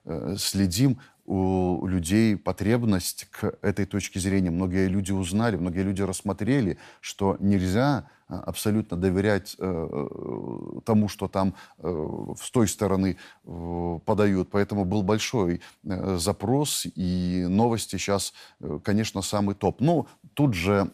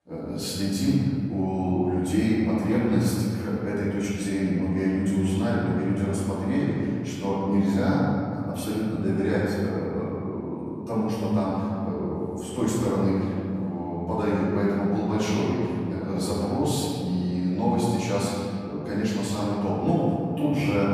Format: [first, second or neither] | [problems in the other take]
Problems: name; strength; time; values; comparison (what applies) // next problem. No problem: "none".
first | room echo; strong; dies away in 2.6 s // off-mic speech; far